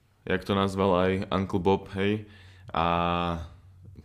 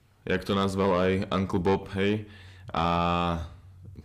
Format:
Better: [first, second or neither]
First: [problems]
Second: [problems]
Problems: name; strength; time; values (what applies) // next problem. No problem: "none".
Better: first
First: none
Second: distortion; slight; 10 dB below the speech